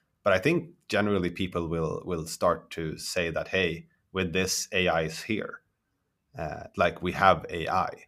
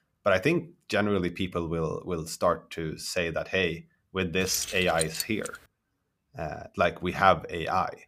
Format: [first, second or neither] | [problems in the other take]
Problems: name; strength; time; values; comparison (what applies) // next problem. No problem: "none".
first | jangling keys; noticeable; from 4.5 to 5.5 s; peak 4 dB below the speech